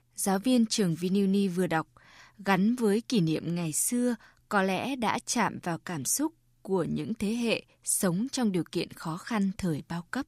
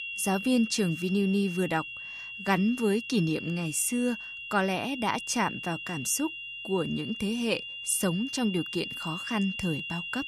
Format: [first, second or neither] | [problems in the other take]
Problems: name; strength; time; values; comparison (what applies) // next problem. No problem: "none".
first | high-pitched whine; loud; throughout; 3 kHz, 7 dB below the speech